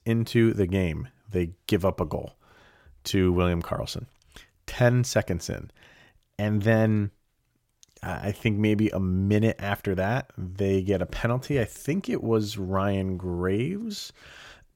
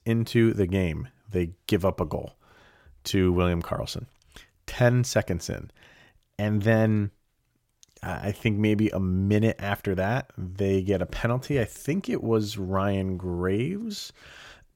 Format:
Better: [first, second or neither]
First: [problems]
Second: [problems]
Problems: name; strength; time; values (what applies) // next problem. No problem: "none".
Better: neither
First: none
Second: none